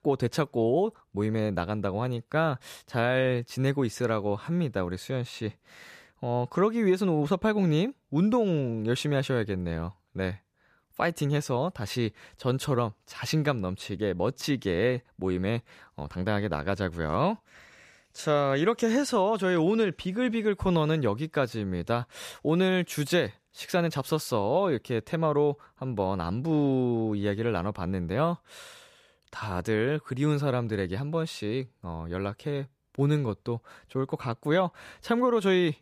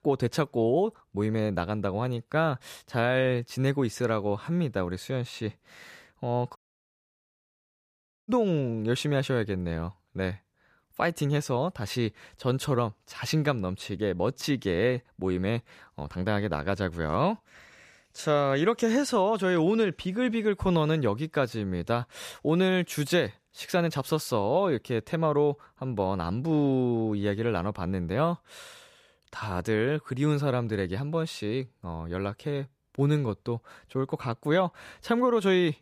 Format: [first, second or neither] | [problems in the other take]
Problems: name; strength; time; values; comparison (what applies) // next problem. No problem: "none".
first | audio cutting out; at 6.5 s for 1.5 s